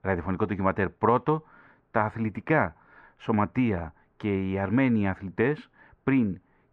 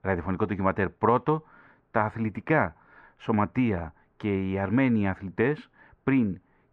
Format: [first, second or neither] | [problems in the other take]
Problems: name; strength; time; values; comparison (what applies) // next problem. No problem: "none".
neither | muffled; very; fading above 1.5 kHz; the same in both